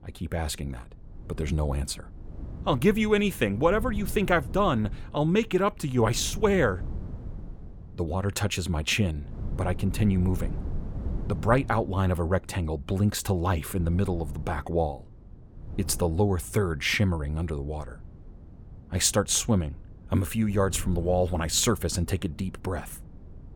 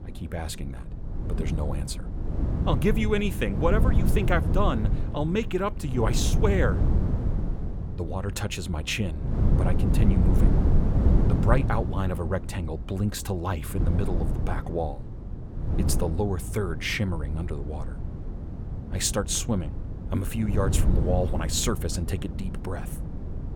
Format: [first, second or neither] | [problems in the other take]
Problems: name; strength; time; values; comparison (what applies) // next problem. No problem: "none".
first | wind noise on the microphone; heavy; 8 dB below the speech; occasional gusts in the first